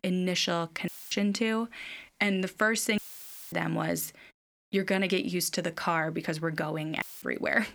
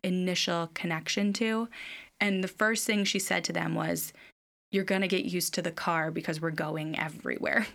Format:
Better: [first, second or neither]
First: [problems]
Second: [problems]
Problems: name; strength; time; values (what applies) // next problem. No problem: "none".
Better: second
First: audio cutting out; filled with static; at 1 s, at 3 s for 0.5 s and at 7 s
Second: none